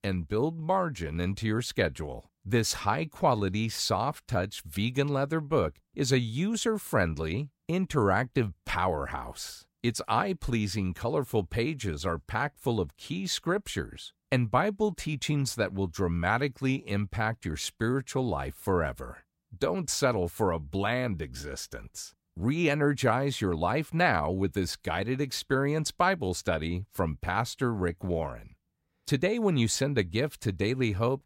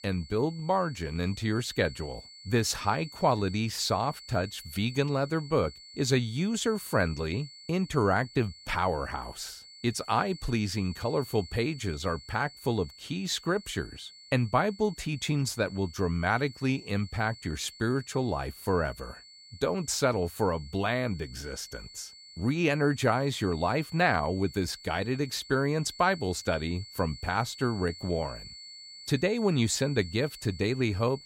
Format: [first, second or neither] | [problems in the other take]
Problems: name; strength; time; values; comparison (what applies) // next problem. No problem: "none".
first | high-pitched whine; noticeable; throughout; 4.5 kHz, 15 dB below the speech